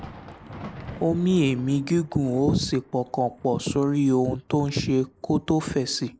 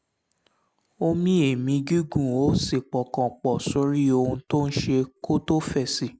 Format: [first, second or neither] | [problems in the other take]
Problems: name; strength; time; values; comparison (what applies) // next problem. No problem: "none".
second | background sound (Thunder); 20 dB below the speech